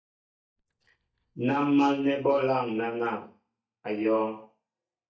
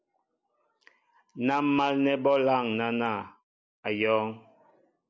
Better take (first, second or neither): second